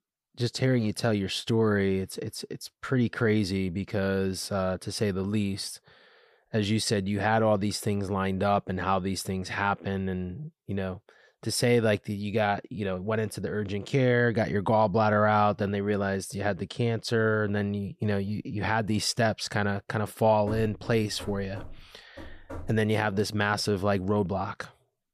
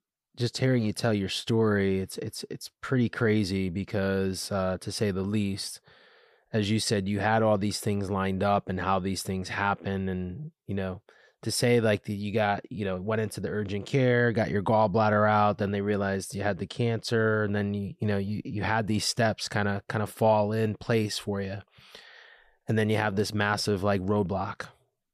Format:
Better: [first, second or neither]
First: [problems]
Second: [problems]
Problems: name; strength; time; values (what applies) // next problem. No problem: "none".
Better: second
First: door banging; faint; from 20 to 23 s; peak 10 dB below the speech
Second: none